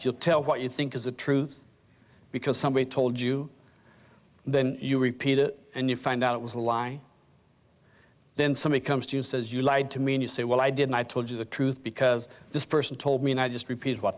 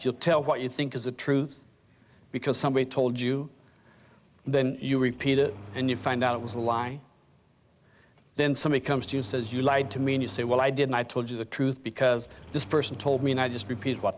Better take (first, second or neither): first